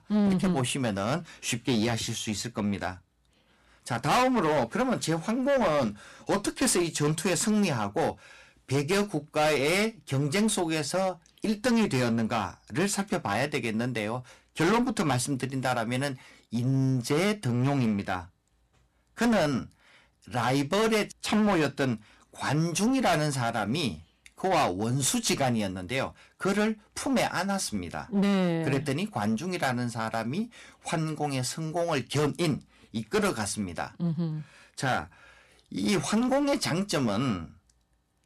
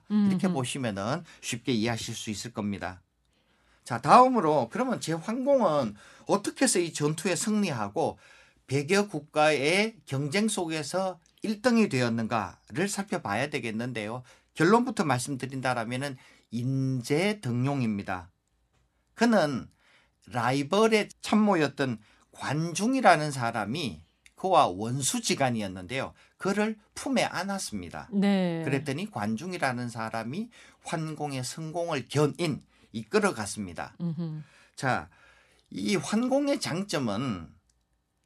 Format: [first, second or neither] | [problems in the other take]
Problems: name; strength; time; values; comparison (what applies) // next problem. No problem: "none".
second | distortion; heavy; 12% of the sound clipped